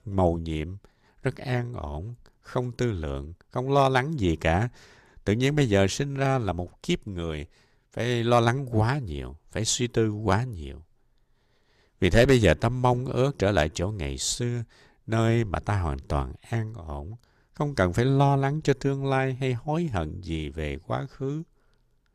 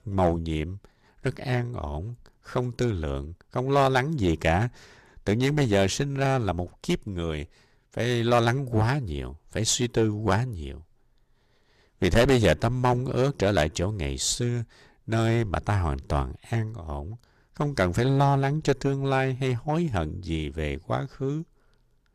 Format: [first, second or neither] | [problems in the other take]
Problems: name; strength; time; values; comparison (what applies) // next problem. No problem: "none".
first | distortion; slight; 4% of the sound clipped